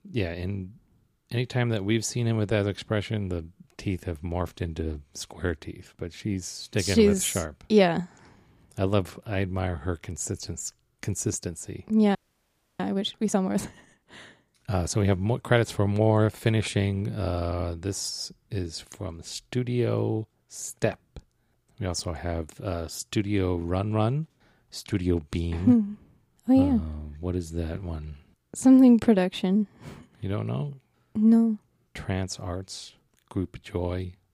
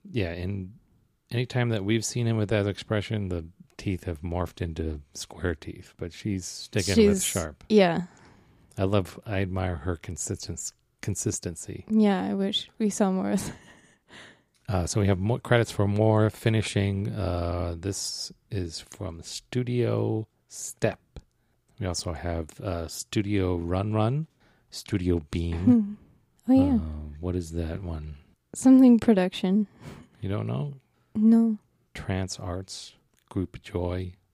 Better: second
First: audio freezing; at 12 s for 0.5 s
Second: none

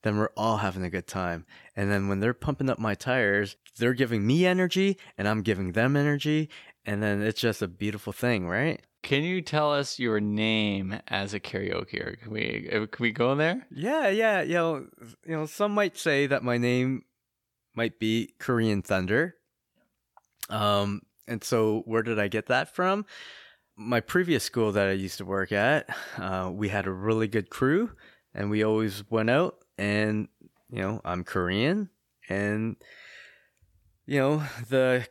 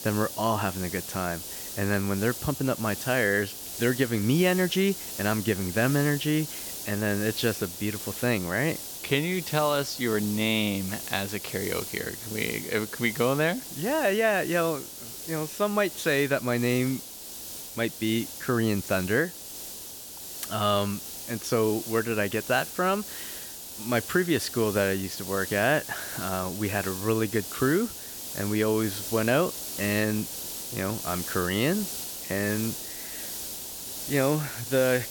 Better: first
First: none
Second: hiss; loud; throughout; 8 dB below the speech

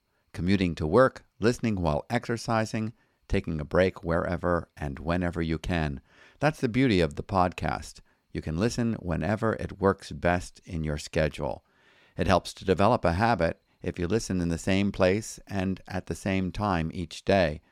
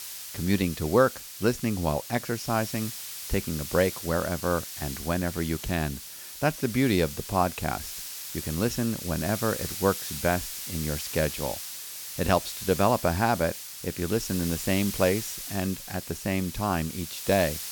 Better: first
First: none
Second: hiss; loud; throughout; 7 dB below the speech

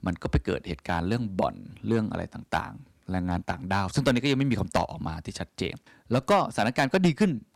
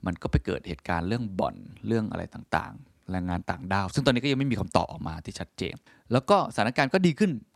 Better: second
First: distortion; slight; 1.6% of the sound clipped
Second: none

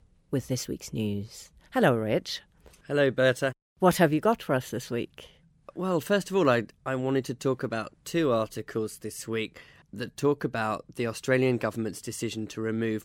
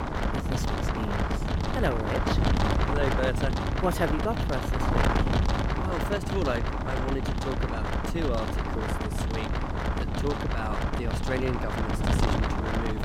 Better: first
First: none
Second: wind noise on the microphone; heavy; 3 dB above the speech

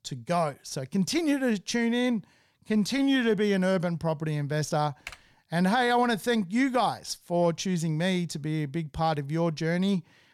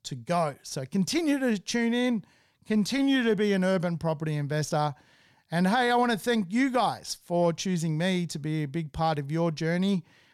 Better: second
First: keyboard typing; faint; at 5 s; peak 15 dB below the speech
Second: none

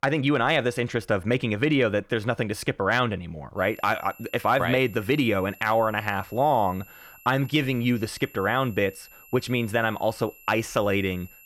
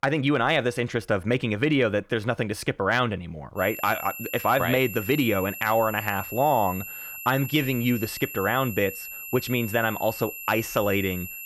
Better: first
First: high-pitched whine; faint; from 3.5 s on; 2.5 kHz, 25 dB below the speech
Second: high-pitched whine; loud; from 3.5 s on; 2.5 kHz, 10 dB below the speech

